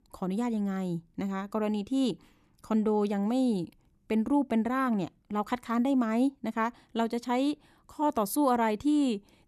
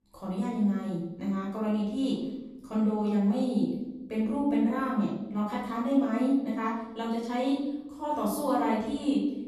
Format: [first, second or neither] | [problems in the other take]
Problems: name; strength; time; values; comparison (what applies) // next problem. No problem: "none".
first | off-mic speech; far // room echo; noticeable; dies away in 0.8 s